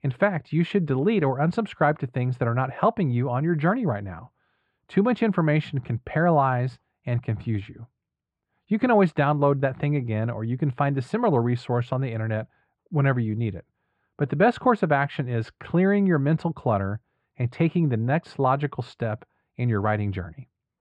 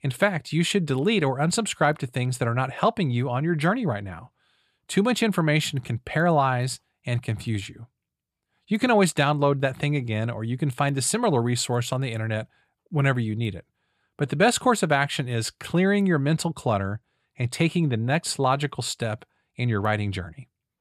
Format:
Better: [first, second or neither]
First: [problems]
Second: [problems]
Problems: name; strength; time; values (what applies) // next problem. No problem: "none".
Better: second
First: muffled; very; fading above 1.5 kHz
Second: none